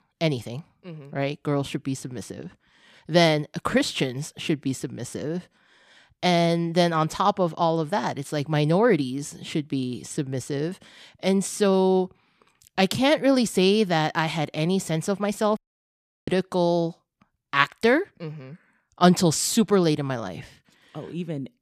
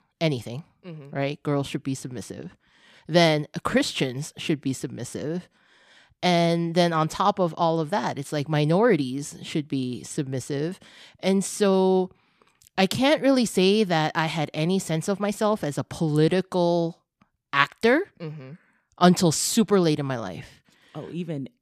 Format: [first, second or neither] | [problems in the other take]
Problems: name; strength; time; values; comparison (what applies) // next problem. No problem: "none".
second | audio cutting out; at 16 s for 0.5 s